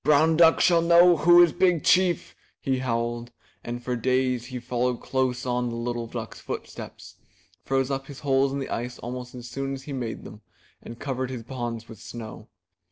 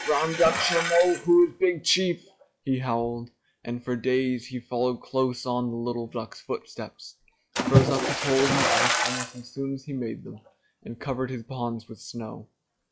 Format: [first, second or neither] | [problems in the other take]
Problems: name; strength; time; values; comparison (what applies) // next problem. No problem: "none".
first | noise reduction (classical method log-MMSE)